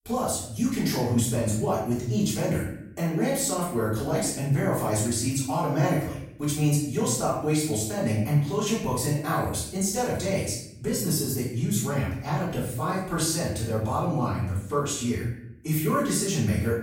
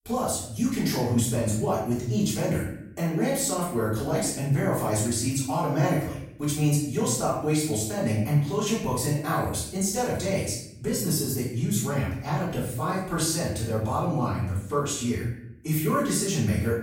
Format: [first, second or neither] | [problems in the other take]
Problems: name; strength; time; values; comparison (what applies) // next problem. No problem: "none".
neither | off-mic speech; far; the same in both // room echo; noticeable; dies away in 0.7 s; the same in both